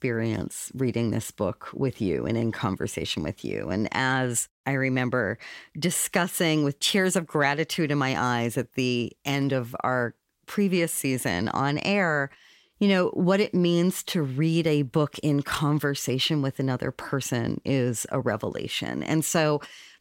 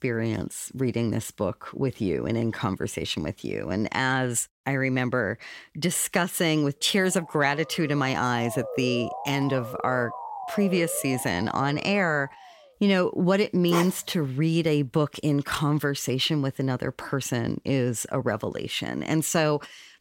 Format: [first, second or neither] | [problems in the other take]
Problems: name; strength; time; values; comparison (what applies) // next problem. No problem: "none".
first | siren; noticeable; from 7 to 12 s; peak 7 dB below the speech // dog barking; noticeable; at 14 s; peak 4 dB below the speech